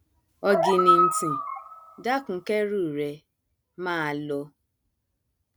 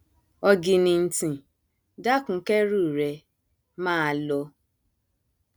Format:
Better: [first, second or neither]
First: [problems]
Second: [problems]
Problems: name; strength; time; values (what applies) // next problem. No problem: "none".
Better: second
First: background sound (Animal); 4 dB above the speech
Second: none